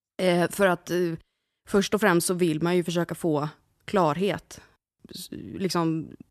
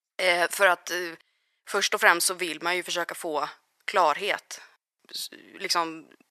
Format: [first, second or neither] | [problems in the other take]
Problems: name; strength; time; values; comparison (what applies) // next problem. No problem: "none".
first | thin; very; fading below 750 Hz